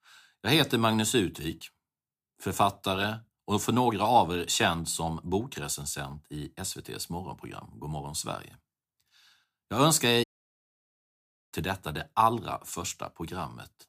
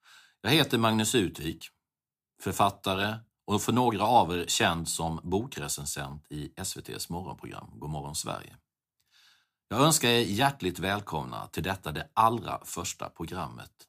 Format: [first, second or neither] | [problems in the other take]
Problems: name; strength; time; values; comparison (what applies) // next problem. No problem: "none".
second | audio cutting out; at 10 s for 1.5 s